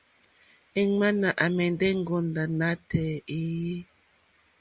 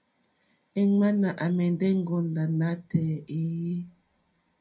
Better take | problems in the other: first | room echo; dies away in 0.2 s

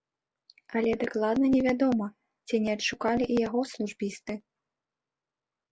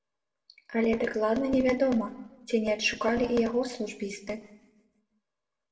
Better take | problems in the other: first | room echo; dies away in 0.9 s

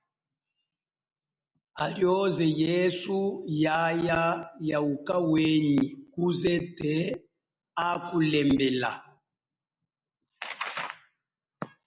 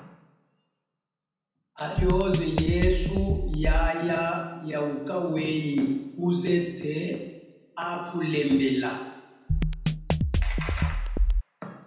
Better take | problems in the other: first | background sound (Drum kit); 4 dB above the speech // room echo; dies away in 0.9 s

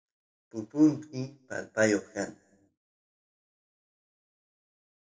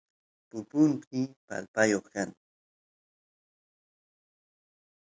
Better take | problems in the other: second | room echo; dies away in 0.3 s

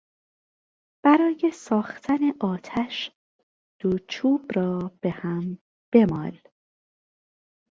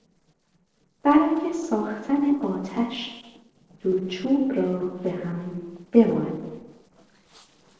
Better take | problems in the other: first | noise reduction (neural separator model SepFormer DNS4)

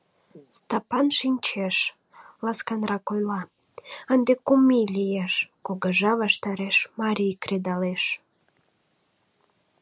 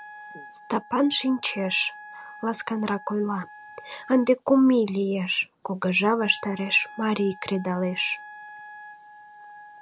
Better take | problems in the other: first | background sound (Wind instrument, woodwind instrument); 19 dB below the speech

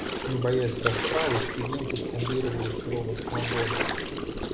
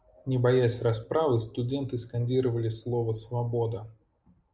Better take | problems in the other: second | background sound (Gurgling); as loud as the speech

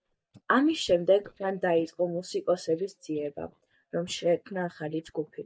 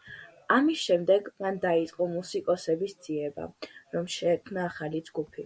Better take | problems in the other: second | noise reduction (neural mask model DeepFilterNet 3)

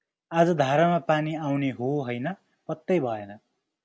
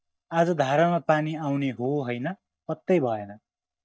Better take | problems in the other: first | noise reduction (neural mask model DeepFilterNet 3)

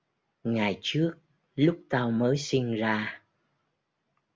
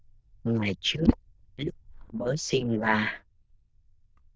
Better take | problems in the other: first | noise reduction (neural diffusion model UNIVERSE++)

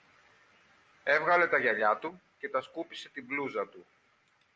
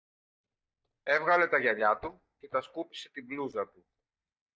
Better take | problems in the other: first | noise reduction (neural mask model DeepFilterNet 3)

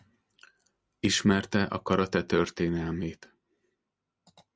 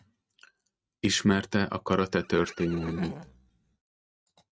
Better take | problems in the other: first | noise reduction (neural mask model RNNoise)

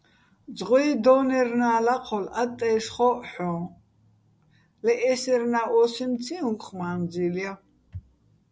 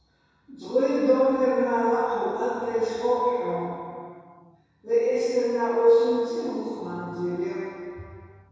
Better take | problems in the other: first | room echo; dies away in 2.2 s

